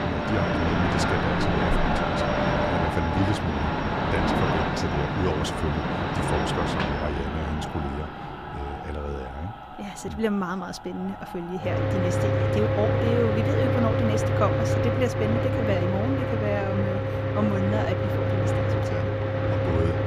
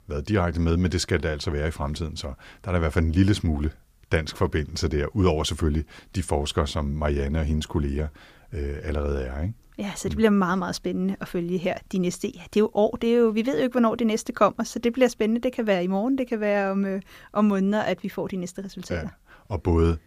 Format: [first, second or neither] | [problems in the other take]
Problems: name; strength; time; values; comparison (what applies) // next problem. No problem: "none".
second | machinery noise; very loud; throughout; 5 dB above the speech